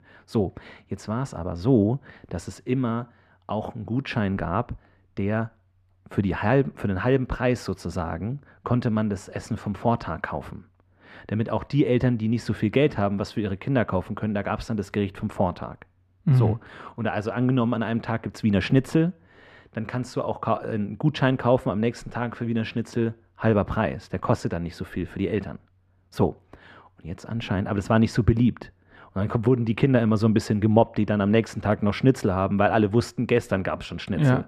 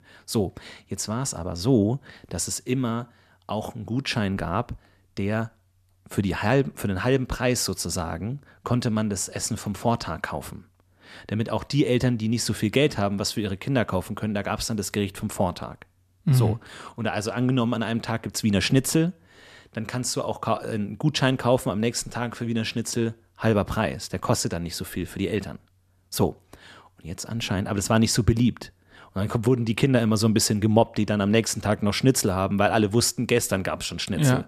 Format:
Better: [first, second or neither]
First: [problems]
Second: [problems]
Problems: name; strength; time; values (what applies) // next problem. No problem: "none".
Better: second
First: muffled; very; fading above 4 kHz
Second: none